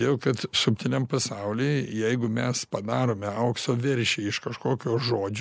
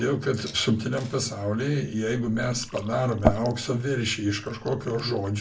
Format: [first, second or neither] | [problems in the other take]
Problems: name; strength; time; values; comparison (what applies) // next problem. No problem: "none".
first | background sound (Fill (with liquid) / Glass); 8 dB below the speech // room echo; dies away in 0.2 s